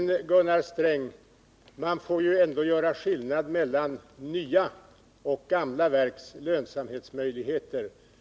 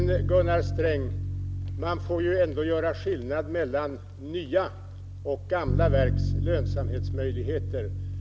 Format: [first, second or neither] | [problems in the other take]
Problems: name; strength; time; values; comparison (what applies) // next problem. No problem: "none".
first | background sound (Bass guitar); 1 dB below the speech